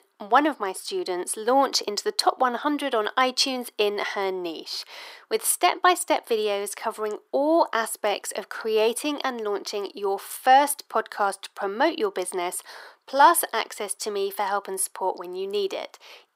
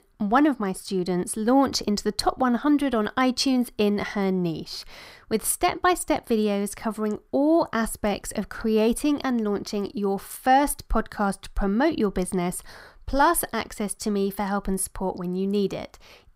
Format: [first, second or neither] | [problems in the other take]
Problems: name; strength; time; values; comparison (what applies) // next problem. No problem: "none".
second | thin; somewhat; fading below 350 Hz